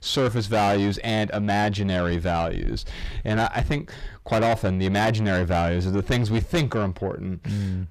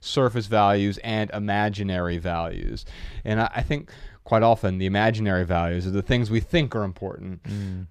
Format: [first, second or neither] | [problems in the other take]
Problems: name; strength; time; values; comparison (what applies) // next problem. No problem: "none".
second | distortion; heavy; 8 dB below the speech